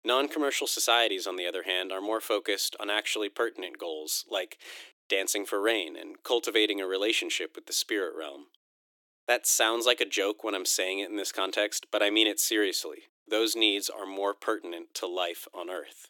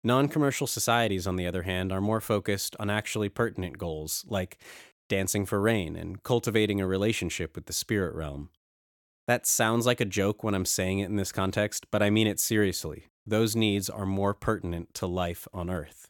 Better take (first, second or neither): second